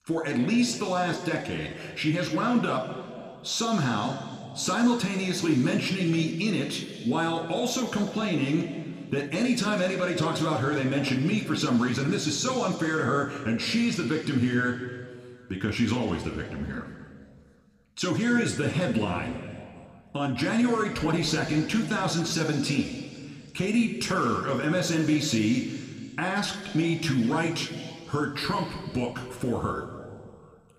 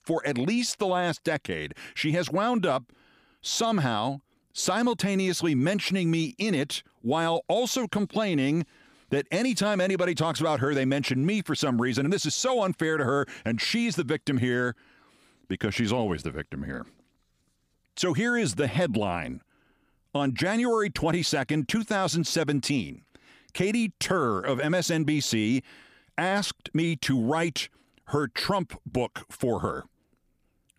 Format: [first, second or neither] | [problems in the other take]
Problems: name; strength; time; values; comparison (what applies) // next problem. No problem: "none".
second | room echo; slight; dies away in 2.1 s